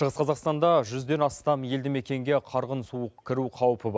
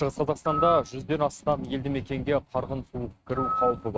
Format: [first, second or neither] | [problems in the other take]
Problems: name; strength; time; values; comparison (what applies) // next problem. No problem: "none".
first | noise reduction (neural mask model RNNoise)